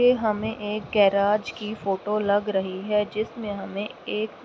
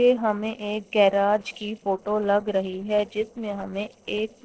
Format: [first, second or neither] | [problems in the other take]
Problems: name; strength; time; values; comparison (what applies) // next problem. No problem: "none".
first | noise reduction (neural separator model SepFormer DNS4)